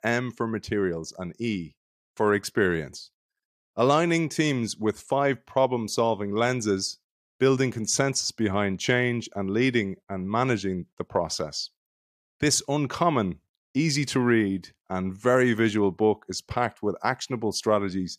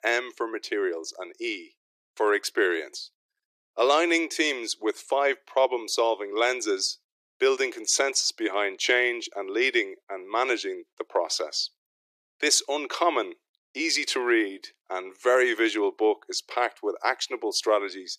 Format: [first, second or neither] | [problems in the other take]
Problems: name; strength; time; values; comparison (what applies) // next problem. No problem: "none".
first | thin; very; fading below 350 Hz